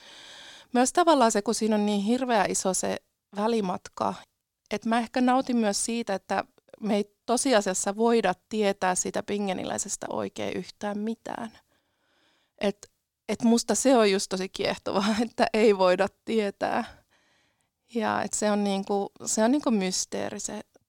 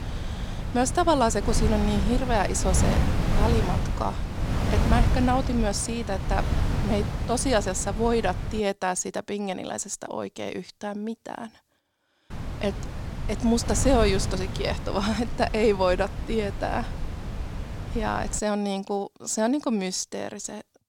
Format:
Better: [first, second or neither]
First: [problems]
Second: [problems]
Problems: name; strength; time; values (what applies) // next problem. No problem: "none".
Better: first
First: none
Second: wind noise on the microphone; heavy; until 8.5 s and from 12 to 18 s; 9 dB below the speech